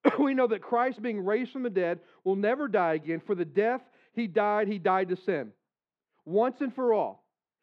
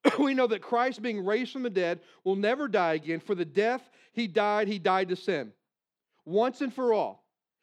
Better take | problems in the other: second | muffled; slightly; fading above 3.5 kHz

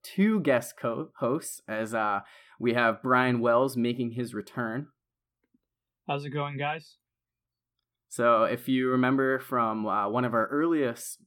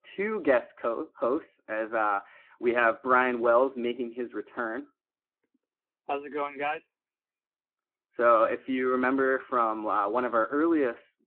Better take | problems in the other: first | phone-call audio

